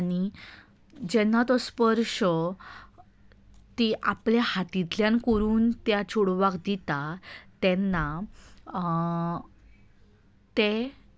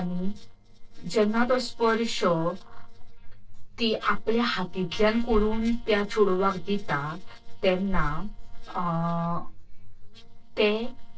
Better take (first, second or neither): first